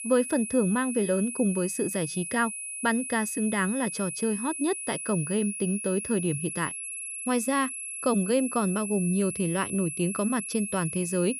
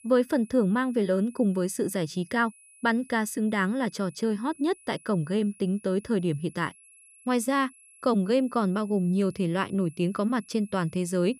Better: second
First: high-pitched whine; loud; throughout; 10.5 kHz, 5 dB below the speech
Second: high-pitched whine; faint; throughout; 10.5 kHz, 25 dB below the speech

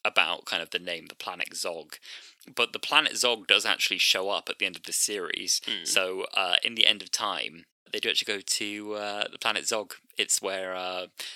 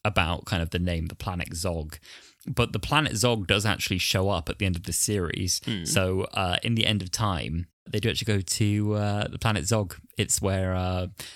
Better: second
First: thin; very; fading below 350 Hz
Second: none

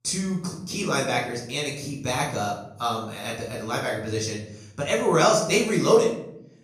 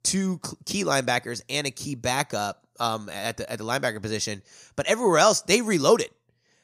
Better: second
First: off-mic speech; far // room echo; noticeable; dies away in 0.7 s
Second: none

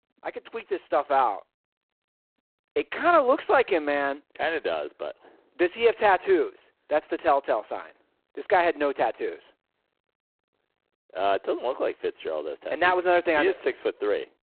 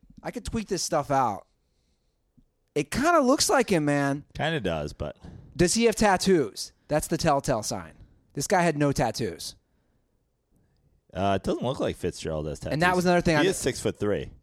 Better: second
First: phone-call audio; poor line; nothing above 4 kHz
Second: none

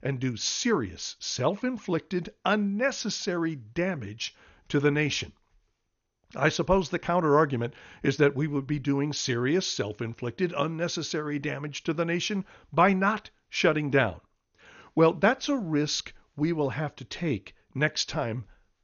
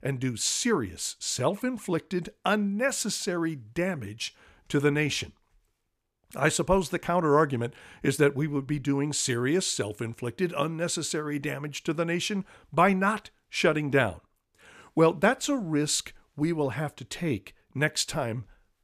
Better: second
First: garbled, watery; slightly; nothing above 6.5 kHz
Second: none

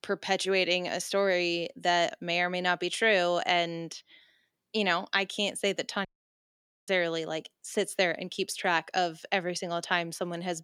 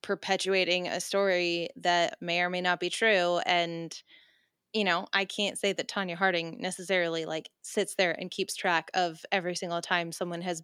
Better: second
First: audio cutting out; at 6 s for 1 s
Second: none

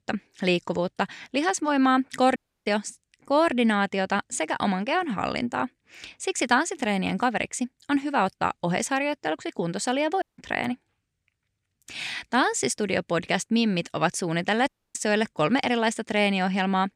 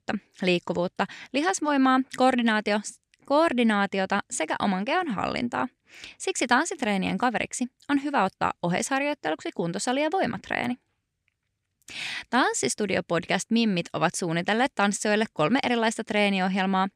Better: second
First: audio cutting out; at 2.5 s, at 10 s and at 15 s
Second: none

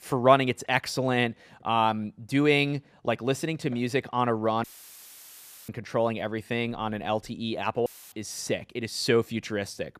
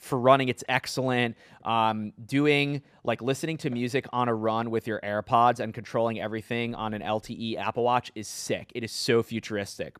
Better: second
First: audio cutting out; filled with static; at 4.5 s for 1 s and at 8 s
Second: none

